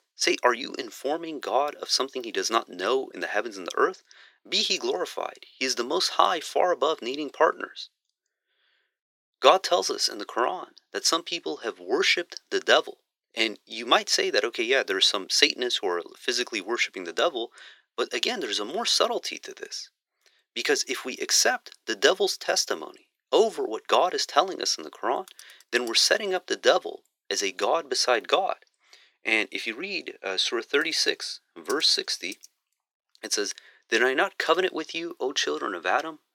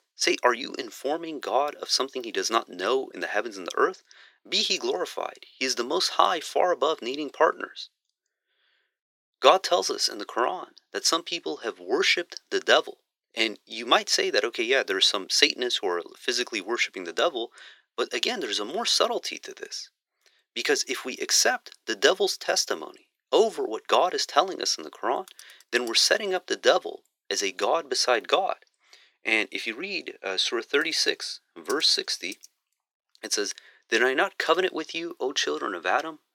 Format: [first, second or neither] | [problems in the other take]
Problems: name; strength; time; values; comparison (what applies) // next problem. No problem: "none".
neither | thin; very; fading below 350 Hz; the same in both